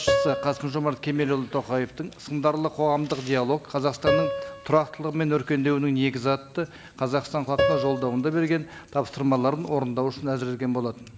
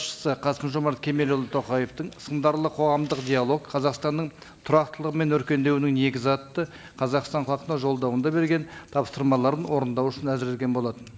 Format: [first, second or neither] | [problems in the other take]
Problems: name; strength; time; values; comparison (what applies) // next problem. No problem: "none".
second | background sound (Piano); 6 dB below the speech